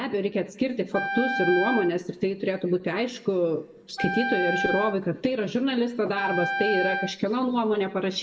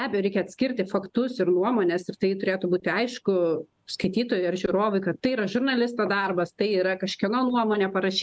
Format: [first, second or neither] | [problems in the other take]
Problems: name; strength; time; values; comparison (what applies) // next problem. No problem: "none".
second | background sound (Wind instrument, woodwind instrument); 5 dB below the speech // room echo; dies away in 0.9 s